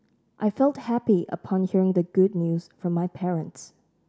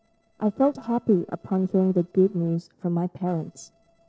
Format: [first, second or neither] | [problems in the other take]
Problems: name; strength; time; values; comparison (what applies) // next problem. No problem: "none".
first | noise reduction (neural separator model SepFormer DNS4)